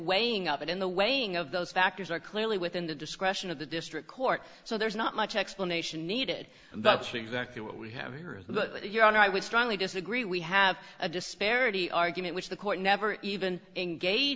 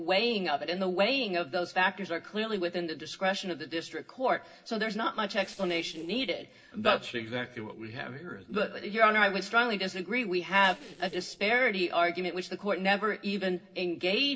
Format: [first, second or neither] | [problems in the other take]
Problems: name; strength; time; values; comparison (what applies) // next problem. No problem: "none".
first | noise reduction (neural separator model SepFormer DNS4)